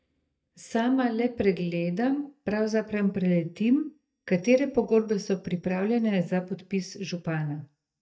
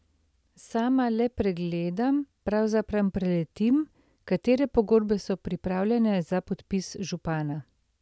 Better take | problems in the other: second | noise reduction (neural mask model DeepFilterNet 3)

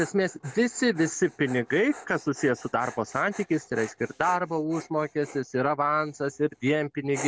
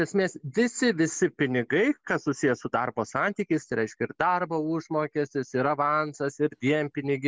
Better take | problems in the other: second | background sound (Dog); 18 dB below the speech

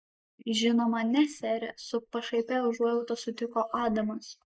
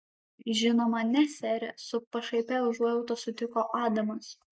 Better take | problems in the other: second | noise reduction (neural mask model Resemble Enhance denoiser)

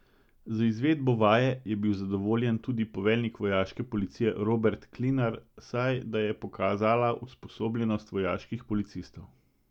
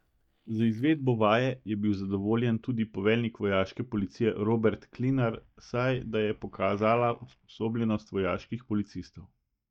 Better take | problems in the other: first | noise reduction (neural mask model DeepFilterNet 3)

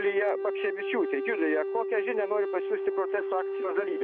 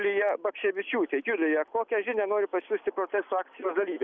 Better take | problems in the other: second | background sound (Wind instrument, woodwind instrument); 2 dB below the speech

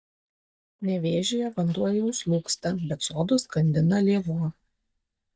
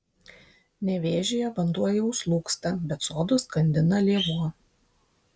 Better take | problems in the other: second | noise reduction (neural mask model DeepFilterNet 3)

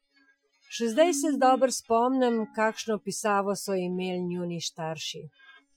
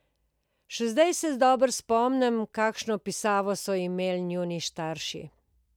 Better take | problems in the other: second | noise reduction (classical method Wiener filter)

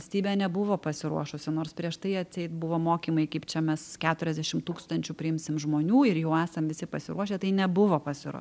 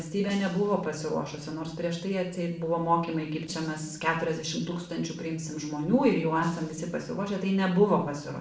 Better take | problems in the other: first | noise reduction (neural separator model SepFormer DNS4)

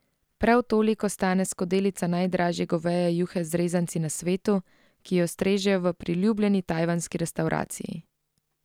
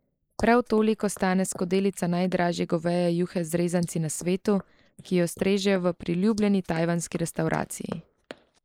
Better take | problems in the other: first | noise reduction (neural mask model Resemble Enhance denoiser)

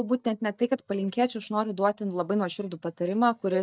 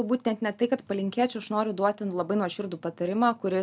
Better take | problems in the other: second | noise reduction (neural mask model DeepFilterNet 3)

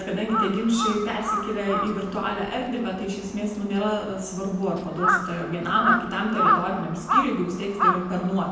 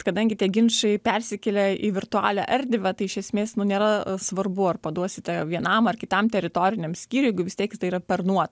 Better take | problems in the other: second | background sound (Crow); 1 dB below the speech // room echo; dies away in 0.9 s

